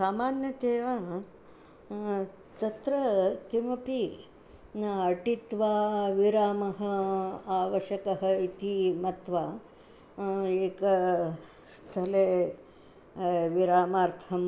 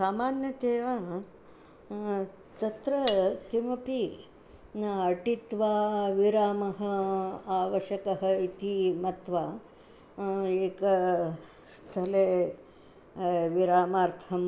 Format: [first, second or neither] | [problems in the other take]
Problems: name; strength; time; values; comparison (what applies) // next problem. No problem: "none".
first | background sound (Cutlery, silverware); 12 dB below the speech